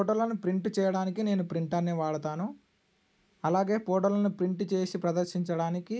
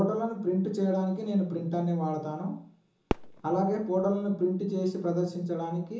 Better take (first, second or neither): first